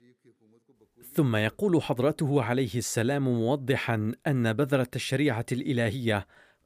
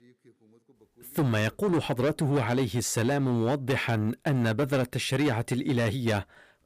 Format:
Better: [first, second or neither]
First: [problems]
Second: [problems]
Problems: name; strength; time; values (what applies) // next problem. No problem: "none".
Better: first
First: none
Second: distortion; slight; 12% of the sound clipped